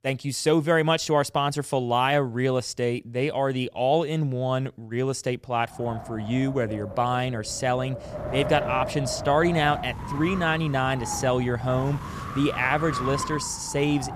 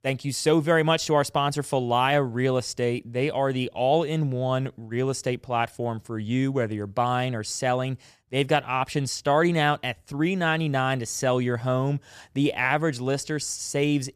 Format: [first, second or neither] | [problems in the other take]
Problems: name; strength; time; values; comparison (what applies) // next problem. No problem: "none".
second | wind noise on the microphone; heavy; from 6 s on; 8 dB below the speech